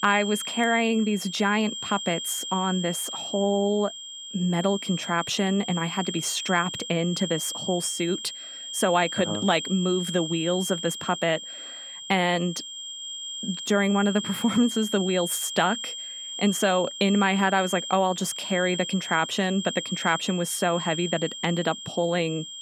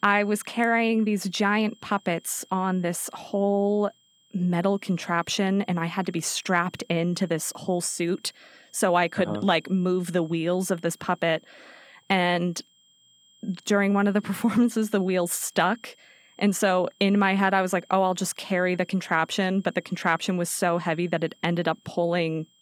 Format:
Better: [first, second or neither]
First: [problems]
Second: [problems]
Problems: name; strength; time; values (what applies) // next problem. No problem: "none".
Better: second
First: high-pitched whine; loud; throughout; 3 kHz, 7 dB below the speech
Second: high-pitched whine; faint; throughout; 3 kHz, 30 dB below the speech